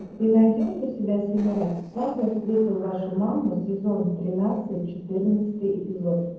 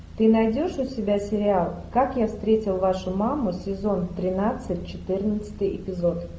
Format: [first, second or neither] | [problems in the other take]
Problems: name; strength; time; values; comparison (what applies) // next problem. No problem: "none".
second | noise reduction (neural separator model SepFormer DNS4)